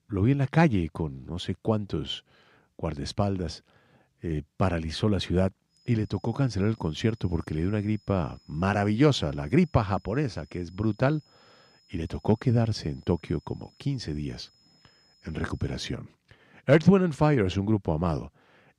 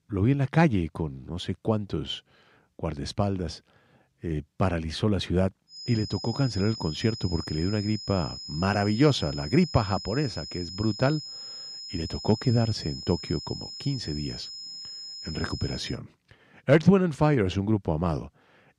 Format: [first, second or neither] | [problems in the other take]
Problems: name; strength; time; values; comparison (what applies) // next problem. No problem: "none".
first | high-pitched whine; loud; from 5.5 to 16 s; 5 kHz, 10 dB below the speech; faint in the first